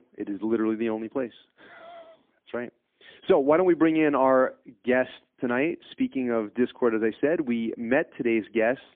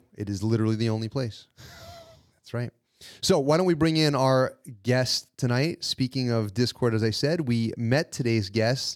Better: second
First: phone-call audio; poor line; nothing above 3.5 kHz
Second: none

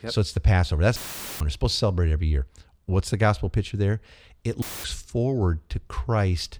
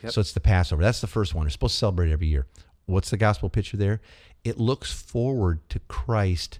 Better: second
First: audio cutting out; filled with static; at 1 s and at 4.5 s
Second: none

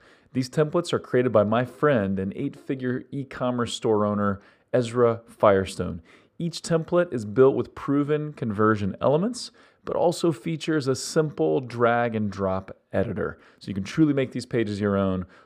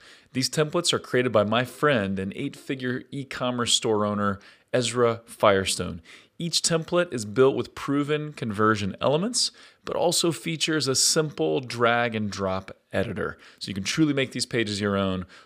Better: second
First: muffled; slightly; fading above 2 kHz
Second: none

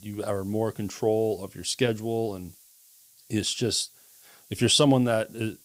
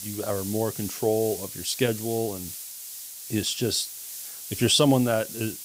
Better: first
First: hiss; faint; throughout; 25 dB below the speech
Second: hiss; loud; throughout; 9 dB below the speech

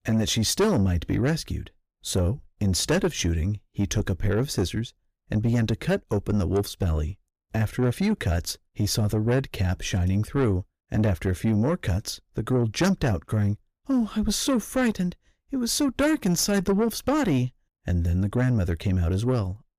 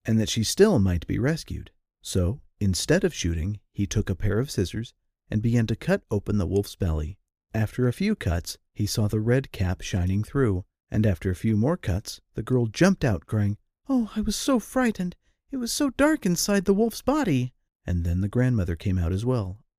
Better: second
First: distortion; slight; 10 dB below the speech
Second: none

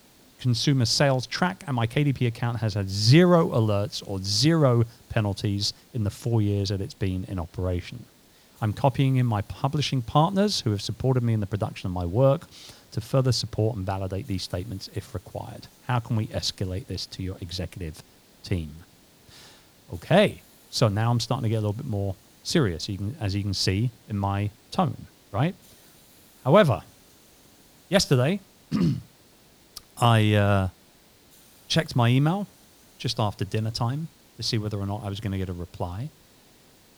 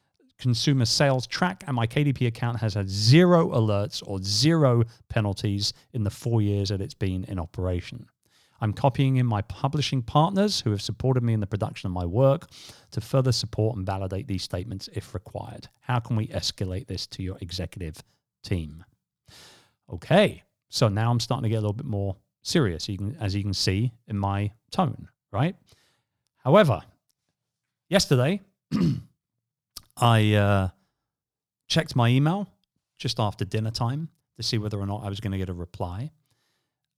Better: second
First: hiss; faint; throughout; 30 dB below the speech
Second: none

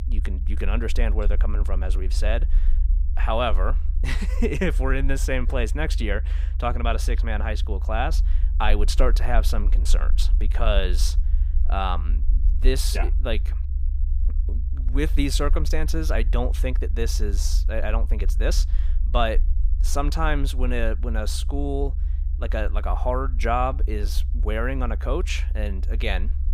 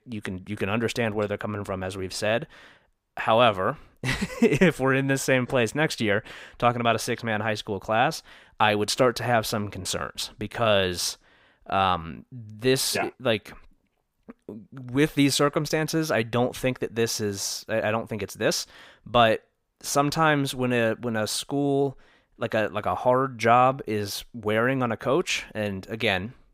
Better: second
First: low rumble; noticeable; throughout; 20 dB below the speech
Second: none

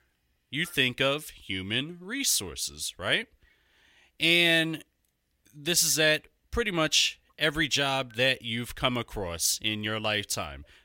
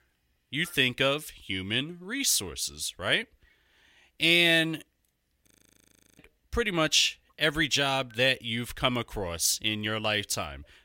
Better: first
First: none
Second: audio freezing; at 5.5 s for 0.5 s

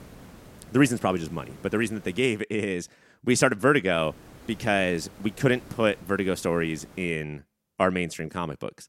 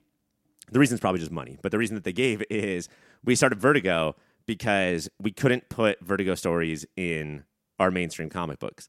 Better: second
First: hiss; faint; until 2 s and from 4 to 7 s; 25 dB below the speech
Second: none

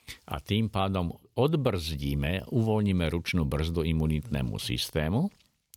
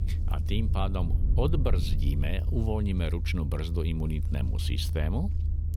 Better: first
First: none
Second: low rumble; loud; throughout; 10 dB below the speech

